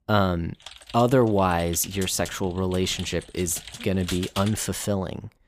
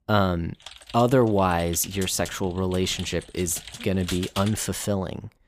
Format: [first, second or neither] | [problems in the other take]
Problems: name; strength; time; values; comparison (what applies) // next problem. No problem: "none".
neither | keyboard typing; noticeable; from 0.5 to 4.5 s; peak 8 dB below the speech; the same in both